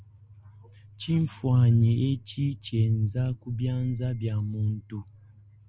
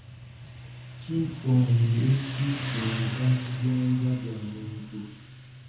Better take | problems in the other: first | background sound (Motorcycle); 8 dB below the speech // room echo; dies away in 2.1 s

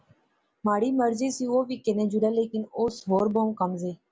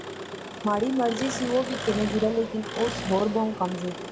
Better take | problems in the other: first | background sound (Engine); 7 dB below the speech

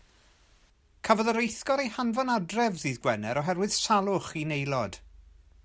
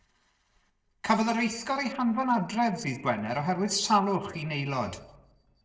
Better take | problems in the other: first | noise reduction (neural separator model SepFormer DNS4)

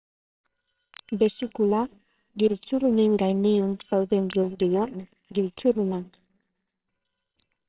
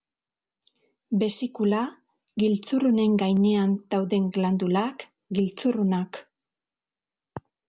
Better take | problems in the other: second | noise reduction (neural separator model SepFormer WHAMR!)

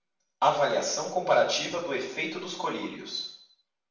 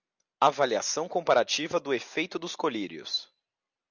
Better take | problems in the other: second | room echo; dies away in 0.6 s

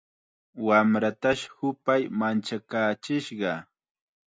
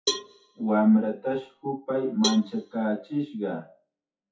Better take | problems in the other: first | noise reduction (classical method WPE with log-MMSE)

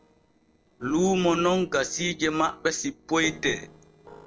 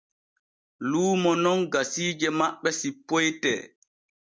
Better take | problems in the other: second | noise reduction (neural separator model SepFormer DNS4)

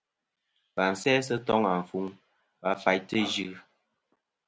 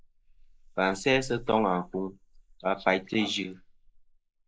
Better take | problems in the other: first | noise reduction (neural mask model Resemble Enhance denoiser)

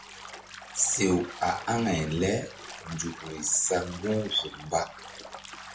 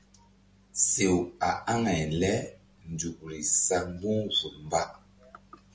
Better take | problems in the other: second | background sound (Bathtub (filling or washing)); 14 dB below the speech

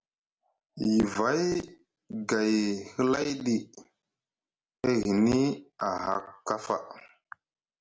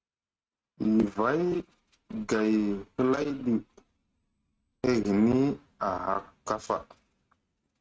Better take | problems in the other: first | noise reduction (neural mask model RNNoise)

